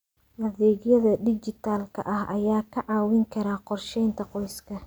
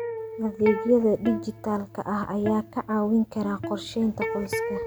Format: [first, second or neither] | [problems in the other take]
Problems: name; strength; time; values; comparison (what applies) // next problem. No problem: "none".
first | background sound (Electric guitar); 8 dB below the speech